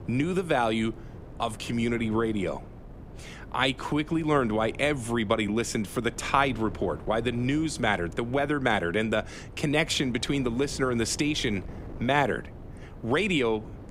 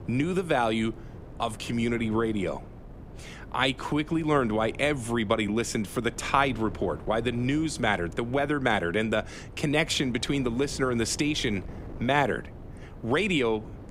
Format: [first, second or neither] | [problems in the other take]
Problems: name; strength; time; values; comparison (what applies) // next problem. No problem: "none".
neither | wind noise on the microphone; occasional gusts; 20 dB below the speech; the same in both